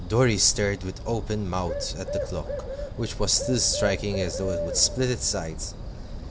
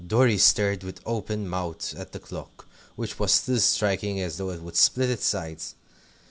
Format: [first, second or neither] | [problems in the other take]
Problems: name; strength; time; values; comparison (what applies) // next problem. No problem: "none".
second | background sound (Bird); 6 dB below the speech